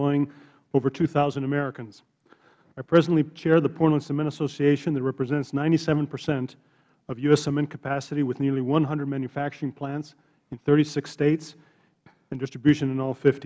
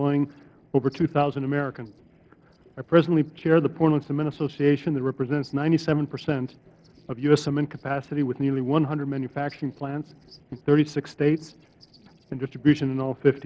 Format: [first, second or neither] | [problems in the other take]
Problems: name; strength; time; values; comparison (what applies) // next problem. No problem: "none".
first | noise reduction (neural separator model SepFormer DNS4)